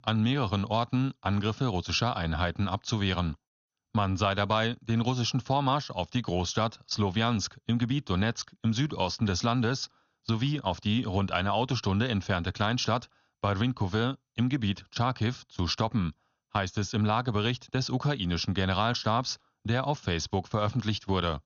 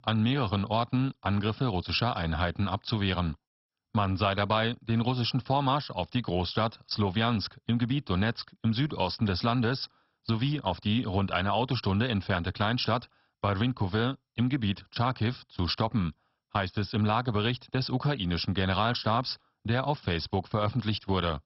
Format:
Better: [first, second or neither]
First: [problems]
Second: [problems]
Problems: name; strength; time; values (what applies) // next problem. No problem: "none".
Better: first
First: garbled, watery; slightly; nothing above 6.5 kHz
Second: garbled, watery; badly; nothing above 5.5 kHz